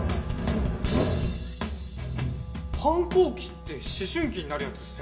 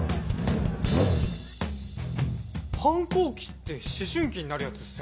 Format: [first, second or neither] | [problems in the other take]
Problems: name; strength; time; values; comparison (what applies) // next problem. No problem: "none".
second | background sound (Wind instrument, woodwind instrument); 19 dB below the speech // room echo; dies away in 0.7 s